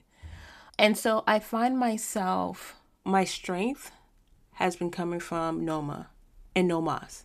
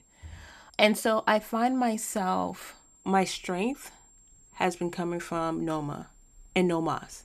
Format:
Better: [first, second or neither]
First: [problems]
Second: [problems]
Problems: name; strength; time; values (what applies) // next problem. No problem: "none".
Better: first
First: none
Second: high-pitched whine; faint; throughout; 7.5 kHz, 30 dB below the speech